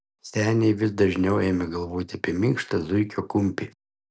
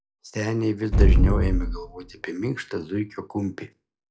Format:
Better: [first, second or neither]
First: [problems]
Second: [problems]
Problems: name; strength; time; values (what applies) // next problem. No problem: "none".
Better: first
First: none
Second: noise reduction (classical method log-MMSE)